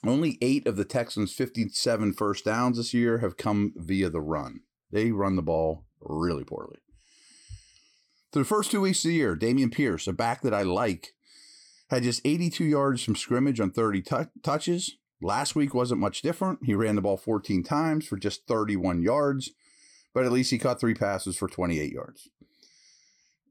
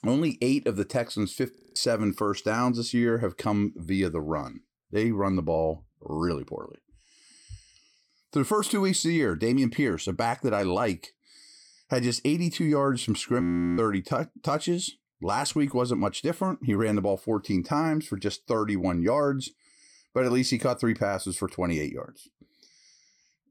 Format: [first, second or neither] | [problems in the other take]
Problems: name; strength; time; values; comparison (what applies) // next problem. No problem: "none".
first | audio freezing; at 1.5 s and at 13 s